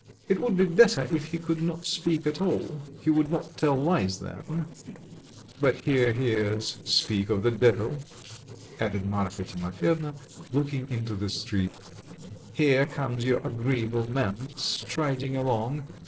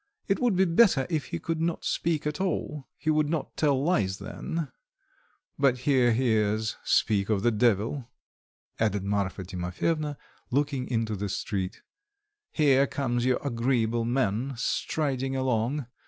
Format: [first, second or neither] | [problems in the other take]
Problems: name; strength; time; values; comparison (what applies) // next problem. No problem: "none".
second | noise reduction (neural separator model SepFormer DNS4)